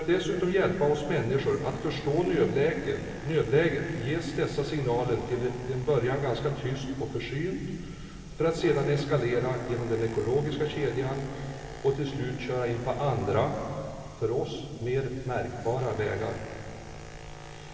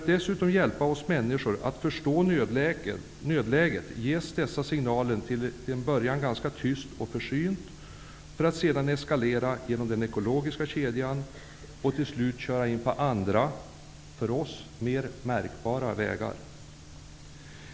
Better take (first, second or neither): second